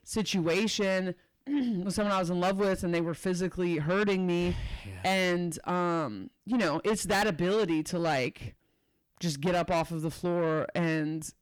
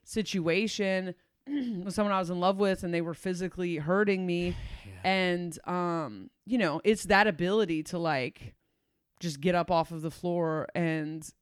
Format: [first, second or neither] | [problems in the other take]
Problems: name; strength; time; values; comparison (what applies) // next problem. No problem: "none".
second | distortion; heavy; 7 dB below the speech